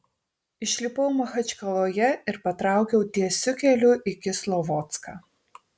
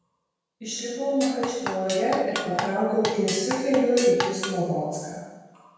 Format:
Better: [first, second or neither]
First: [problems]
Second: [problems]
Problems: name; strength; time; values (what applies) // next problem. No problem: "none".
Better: first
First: none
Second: background sound (Drum kit); 8 dB below the speech // room echo; dies away in 1.2 s